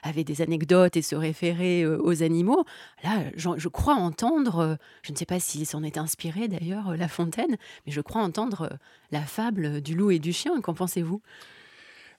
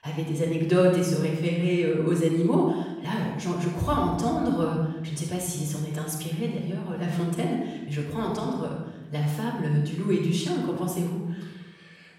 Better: first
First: none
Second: room echo; noticeable; dies away in 1.1 s // off-mic speech; far

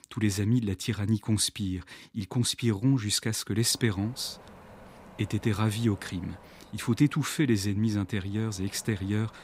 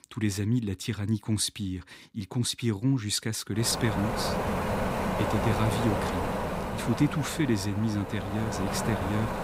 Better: first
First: wind noise on the microphone; occasional gusts; from 3.5 s on; 20 dB below the speech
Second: wind noise on the microphone; heavy; from 3.5 s on; 2 dB above the speech

